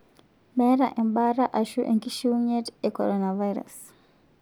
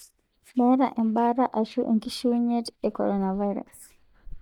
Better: first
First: none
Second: noise reduction (neural mask model DeepFilterNet 3)

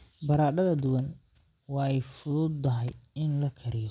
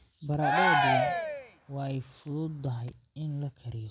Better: first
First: none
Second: background sound (Cheering); 5 dB above the speech

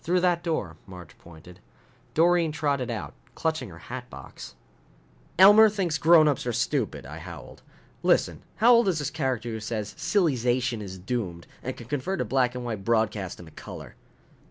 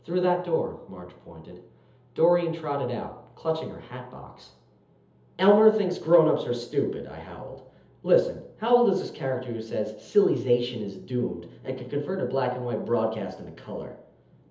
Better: first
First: none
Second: room echo; dies away in 0.7 s

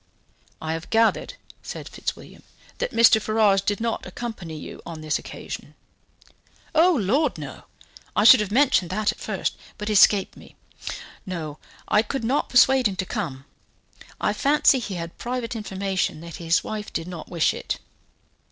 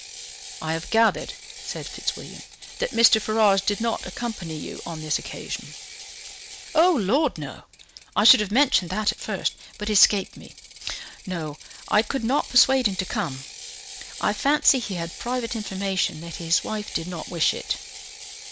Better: first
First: none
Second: background sound (Ratchet, pawl); 15 dB below the speech

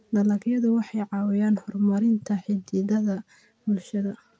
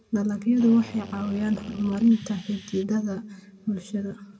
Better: first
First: none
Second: background sound (Drill); 18 dB below the speech // room echo; dies away in 1.8 s

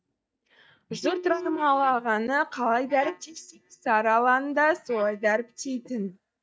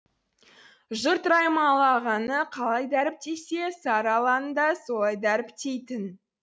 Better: second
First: noise reduction (neural mask model DeepFilterNet 3)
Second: none

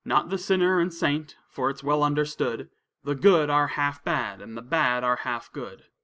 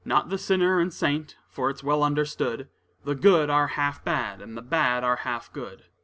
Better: second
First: noise reduction (neural mask model Resemble Enhance denoiser)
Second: none

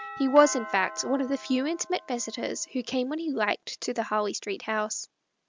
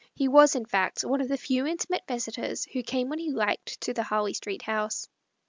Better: second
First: background sound (Doorbell); 17 dB below the speech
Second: none

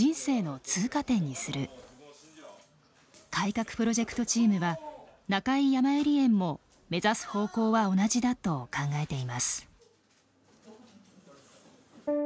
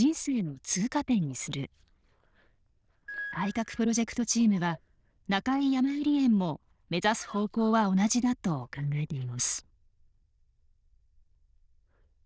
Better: first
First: none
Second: noise reduction (neural diffusion model UNIVERSE++)

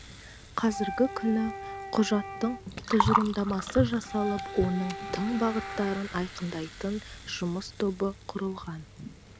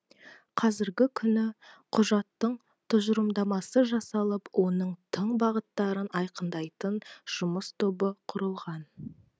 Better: second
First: background sound (Gurgling + Wind instrument, woodwind instrument); 6 dB below the speech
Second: none

